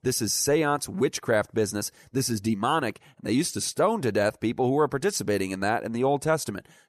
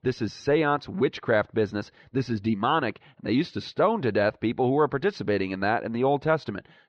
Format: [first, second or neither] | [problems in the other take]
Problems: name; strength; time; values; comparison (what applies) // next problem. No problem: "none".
first | muffled; slightly; fading above 4 kHz